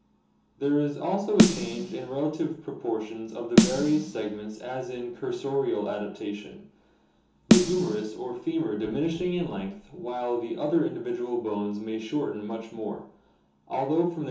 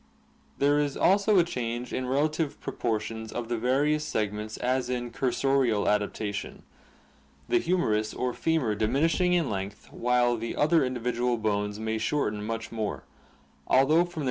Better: second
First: background sound (Snare drum); 2 dB above the speech // room echo; dies away in 1.2 s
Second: none

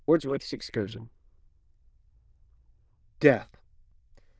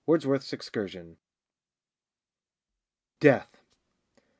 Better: second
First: noise reduction (neural diffusion model UNIVERSE++)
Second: none

